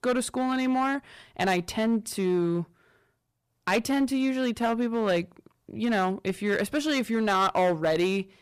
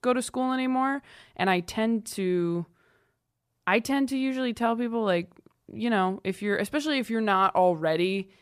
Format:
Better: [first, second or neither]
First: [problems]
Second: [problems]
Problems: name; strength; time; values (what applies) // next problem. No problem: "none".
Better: second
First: distortion; slight; 7% of the sound clipped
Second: none